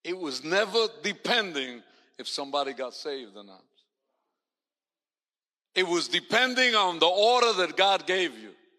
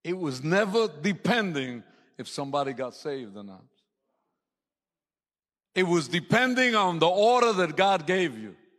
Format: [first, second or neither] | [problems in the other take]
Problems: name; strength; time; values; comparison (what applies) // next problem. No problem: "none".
second | thin; somewhat; fading below 300 Hz